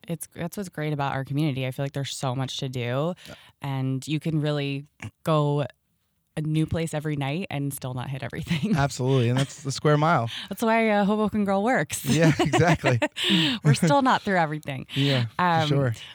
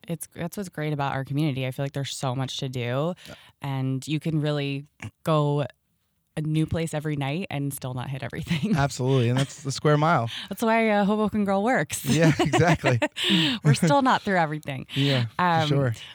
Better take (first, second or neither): neither